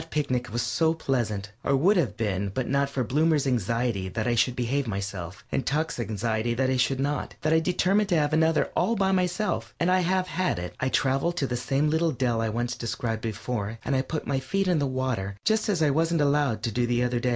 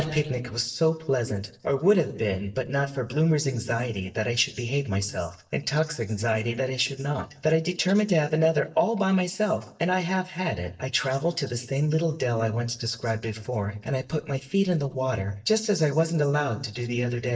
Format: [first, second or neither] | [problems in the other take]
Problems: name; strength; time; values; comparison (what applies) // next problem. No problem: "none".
first | noise reduction (neural mask model DeepFilterNet 3)